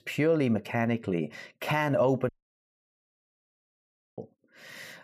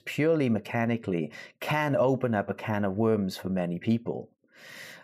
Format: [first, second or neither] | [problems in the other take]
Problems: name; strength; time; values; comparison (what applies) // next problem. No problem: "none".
second | audio cutting out; at 2.5 s for 2 s